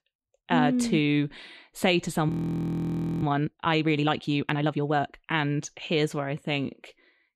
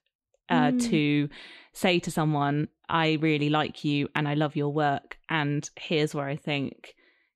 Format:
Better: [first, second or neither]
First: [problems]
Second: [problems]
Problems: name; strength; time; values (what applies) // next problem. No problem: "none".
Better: second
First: audio freezing; at 2.5 s for 1 s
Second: none